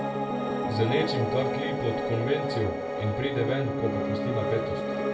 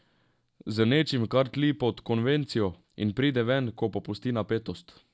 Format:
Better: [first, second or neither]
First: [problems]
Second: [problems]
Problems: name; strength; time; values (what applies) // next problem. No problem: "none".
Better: second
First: background sound (Piano); 1 dB above the speech // room echo; dies away in 0.3 s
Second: none